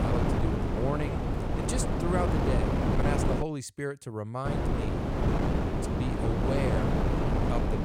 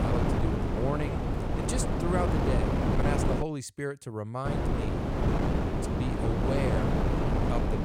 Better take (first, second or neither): neither